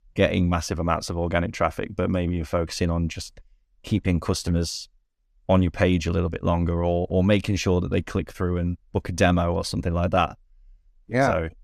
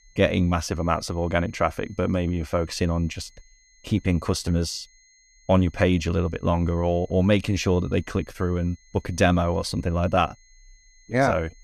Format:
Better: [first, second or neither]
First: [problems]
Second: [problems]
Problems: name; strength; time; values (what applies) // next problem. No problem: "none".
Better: first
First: none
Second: high-pitched whine; faint; throughout; 2 kHz, 30 dB below the speech